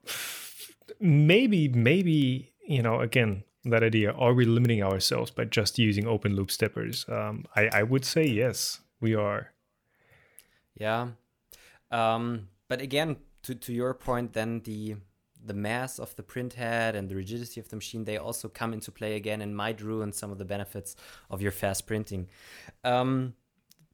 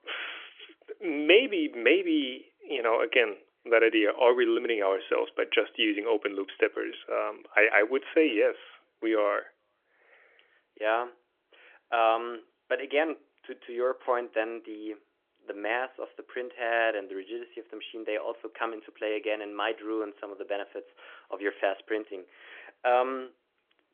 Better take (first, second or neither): first